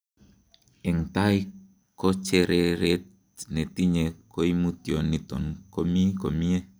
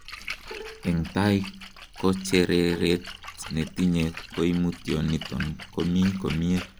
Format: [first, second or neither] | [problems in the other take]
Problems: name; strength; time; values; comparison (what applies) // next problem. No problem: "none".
first | background sound (Bowed string instrument + Splash, splatter); 14 dB below the speech